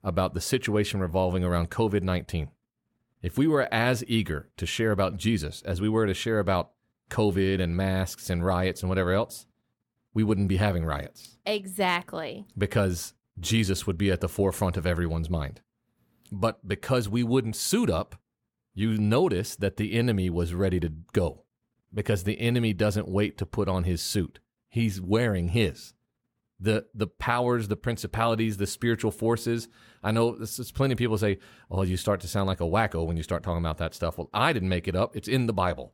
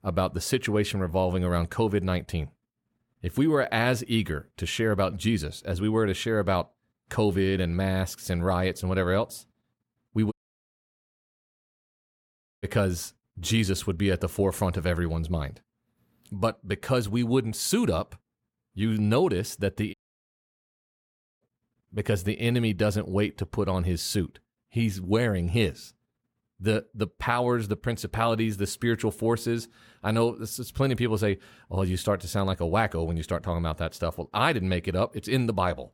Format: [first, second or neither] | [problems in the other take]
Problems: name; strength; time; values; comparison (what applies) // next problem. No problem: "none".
first | audio cutting out; at 10 s for 2.5 s and at 20 s for 1.5 s